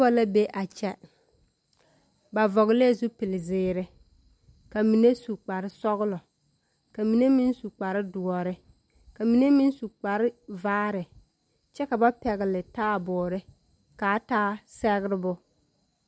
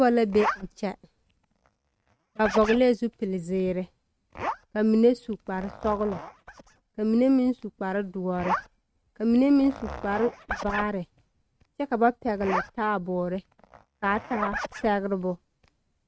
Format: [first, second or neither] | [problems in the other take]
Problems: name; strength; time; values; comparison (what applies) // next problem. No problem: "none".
first | noise reduction (neural mask model RNNoise)